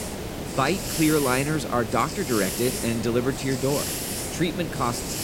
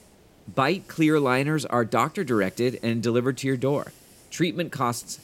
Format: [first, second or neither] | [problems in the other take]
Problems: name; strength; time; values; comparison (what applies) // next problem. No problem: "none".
second | hiss; loud; throughout; 4 dB below the speech; faint in the second